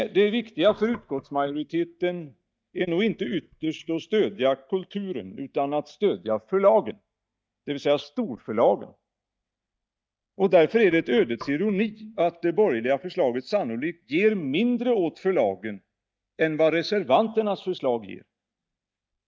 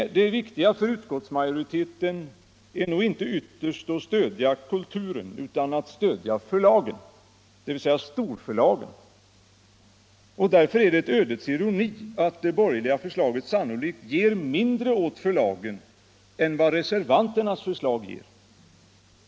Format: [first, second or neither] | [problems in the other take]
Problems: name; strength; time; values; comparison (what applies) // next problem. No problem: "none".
second | noise reduction (neural mask model DeepFilterNet 3)